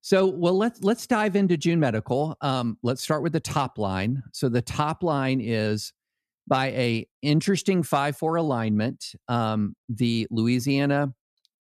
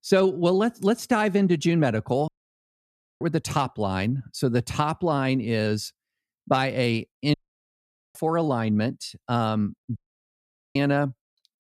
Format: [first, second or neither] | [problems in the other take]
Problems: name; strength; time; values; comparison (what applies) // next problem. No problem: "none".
first | audio cutting out; at 2.5 s for 1 s, at 7.5 s for 1 s and at 10 s for 1 s